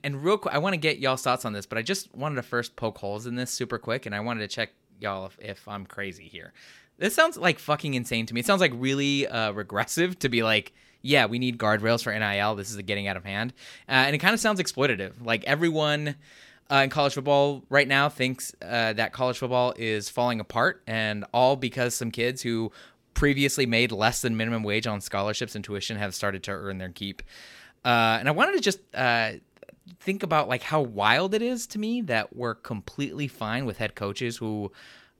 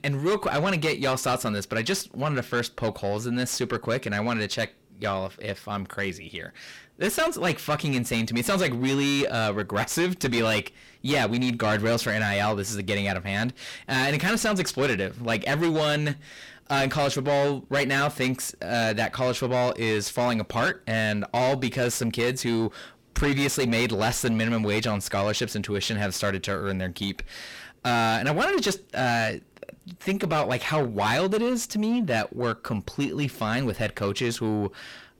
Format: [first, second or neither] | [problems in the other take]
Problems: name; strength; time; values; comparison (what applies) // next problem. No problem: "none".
first | distortion; heavy; 5 dB below the speech